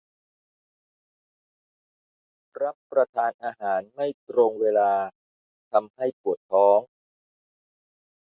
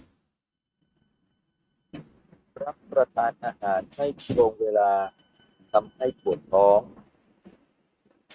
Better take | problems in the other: first | noise reduction (neural mask model RNNoise)

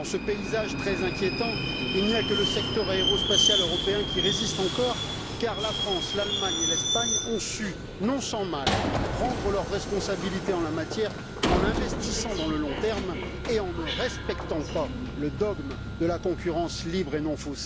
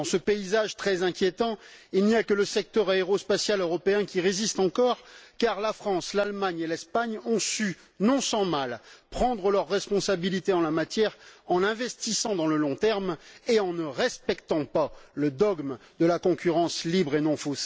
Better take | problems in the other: second | background sound (Subway, metro, underground); as loud as the speech

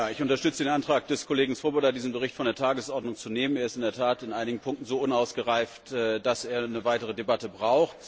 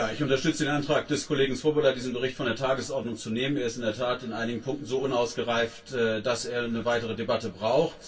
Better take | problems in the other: first | room echo; dies away in 0.1 s

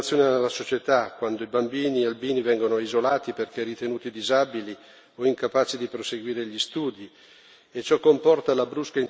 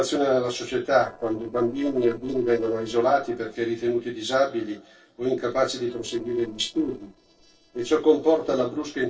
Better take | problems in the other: first | noise reduction (neural separator model SepFormer DNS4)

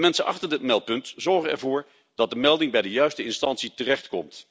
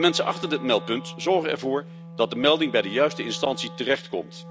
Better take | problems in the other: first | background sound (Wind instrument, woodwind instrument); 14 dB below the speech

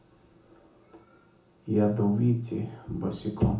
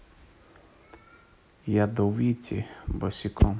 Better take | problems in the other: second | room echo; dies away in 0.7 s

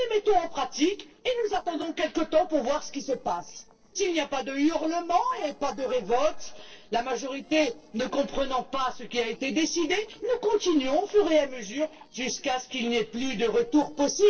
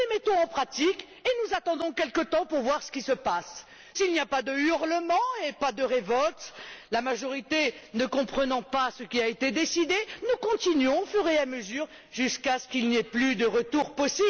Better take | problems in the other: second | noise reduction (neural separator model SepFormer DNS4)

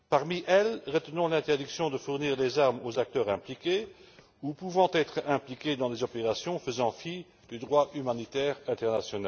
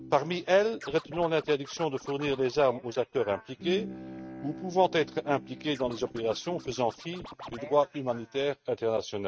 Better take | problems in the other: first | noise reduction (neural mask model RNNoise)

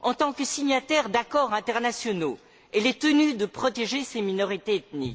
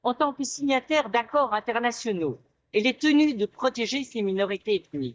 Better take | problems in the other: first | noise reduction (neural mask model DeepFilterNet 3)

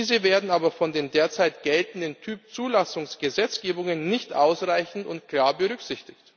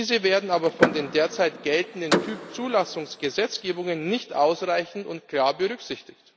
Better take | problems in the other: first | background sound (Door / Car); 5 dB below the speech

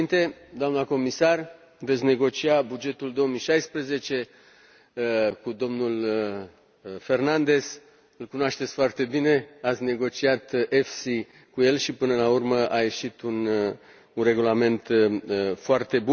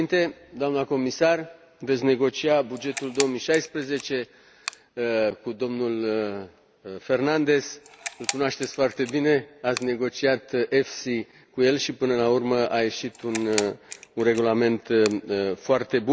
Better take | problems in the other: first | background sound (Camera); 14 dB below the speech

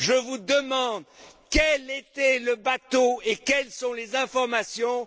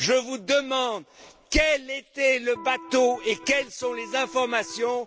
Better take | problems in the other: first | background sound (Electric guitar); 17 dB below the speech

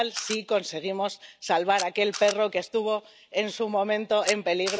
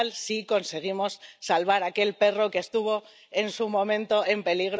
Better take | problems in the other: second | background sound (Camera); 14 dB below the speech

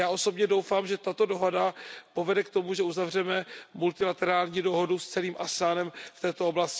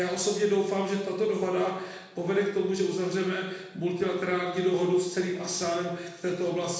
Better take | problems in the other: first | room echo; dies away in 1.1 s

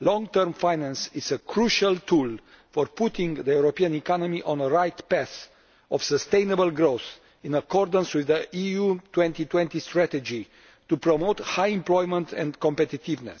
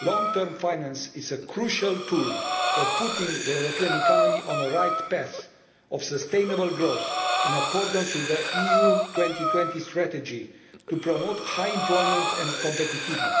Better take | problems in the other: first | background sound (Breathing); 1 dB above the speech // room echo; dies away in 0.8 s

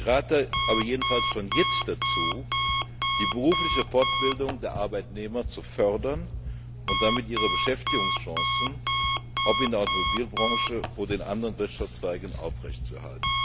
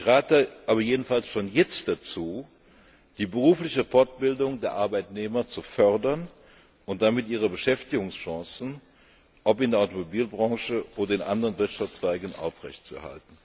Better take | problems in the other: second | background sound (Alarm); 1 dB above the speech

